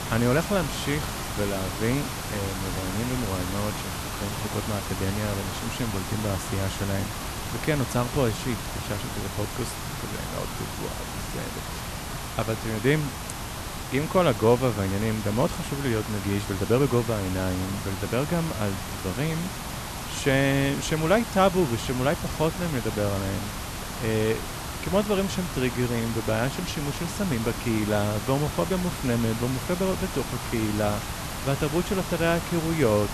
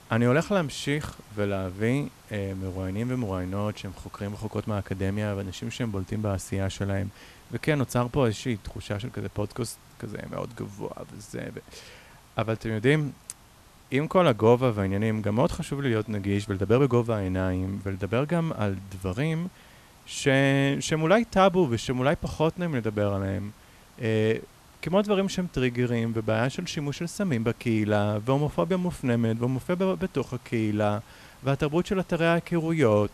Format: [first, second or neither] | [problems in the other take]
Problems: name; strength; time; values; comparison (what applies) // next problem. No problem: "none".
second | hiss; loud; throughout; 5 dB below the speech; faint in the second